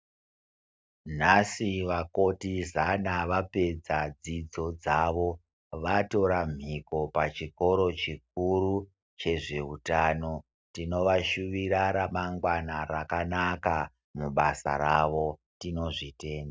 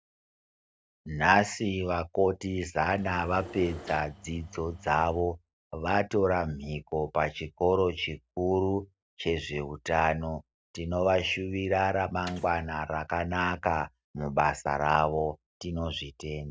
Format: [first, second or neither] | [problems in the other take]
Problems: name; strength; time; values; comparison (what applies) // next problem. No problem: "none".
first | background sound (Engine / Mechanisms + Mechanisms); 18 dB below the speech